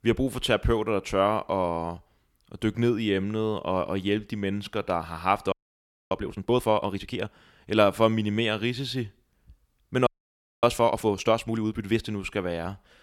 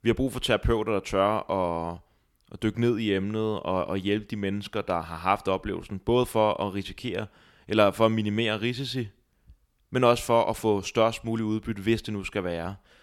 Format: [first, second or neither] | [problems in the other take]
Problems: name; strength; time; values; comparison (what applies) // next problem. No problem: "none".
second | audio freezing; at 5.5 s for 0.5 s and at 10 s for 0.5 s